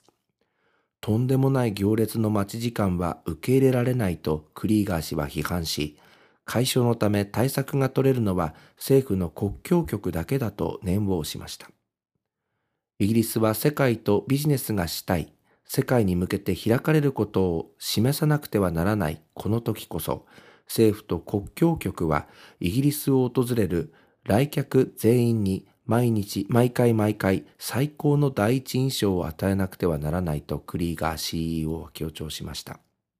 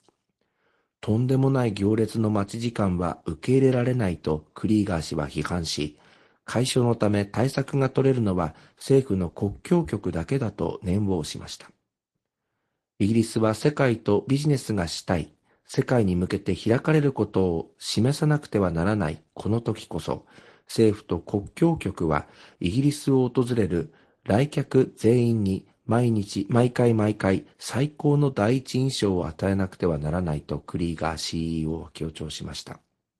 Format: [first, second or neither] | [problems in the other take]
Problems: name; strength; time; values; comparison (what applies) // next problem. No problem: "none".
first | garbled, watery; slightly